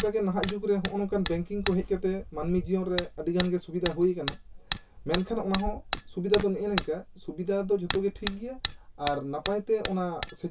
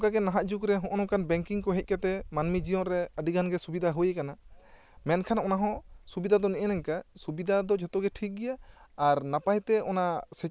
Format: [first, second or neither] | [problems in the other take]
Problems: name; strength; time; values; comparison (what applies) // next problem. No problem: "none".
second | background sound (Hammer); 9 dB below the speech // room echo; dies away in 0.1 s